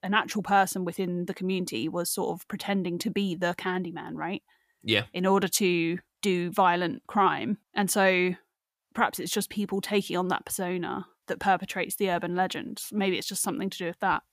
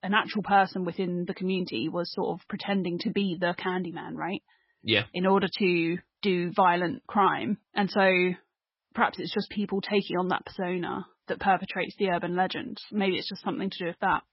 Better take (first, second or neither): first